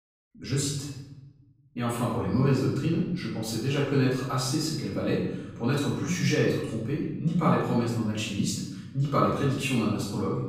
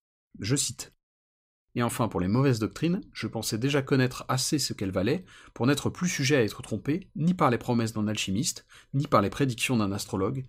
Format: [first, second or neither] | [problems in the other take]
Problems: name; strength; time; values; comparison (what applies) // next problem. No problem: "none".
second | room echo; noticeable; dies away in 1 s // off-mic speech; far